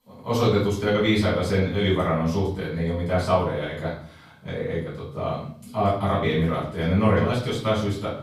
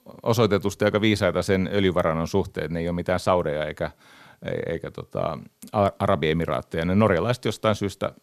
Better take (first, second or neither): second